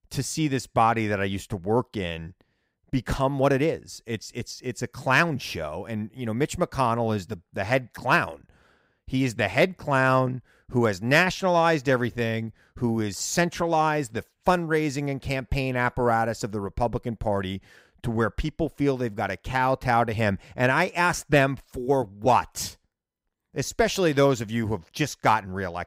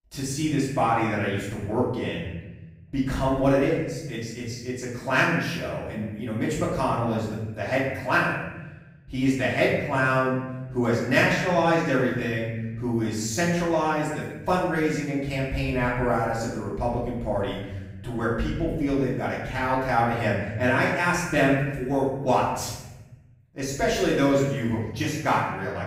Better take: first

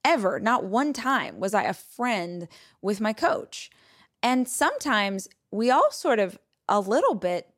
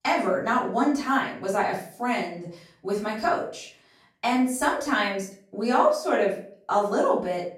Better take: first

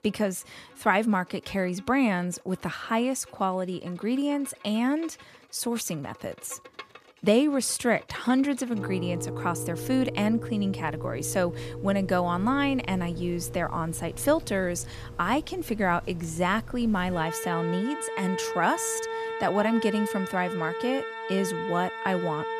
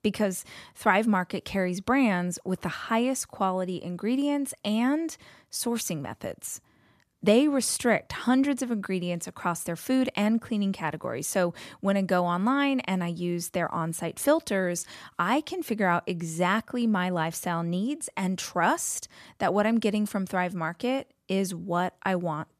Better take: second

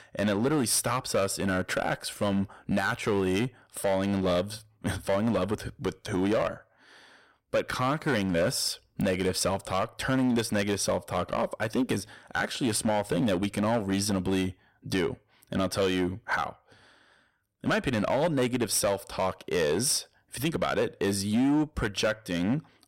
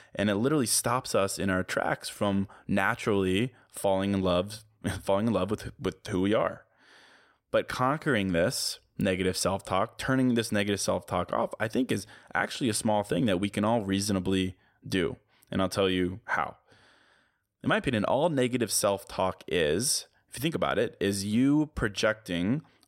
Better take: second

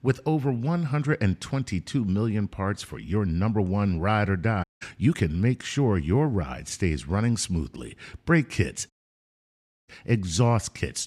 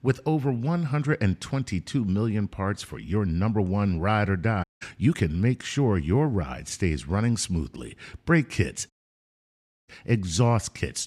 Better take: neither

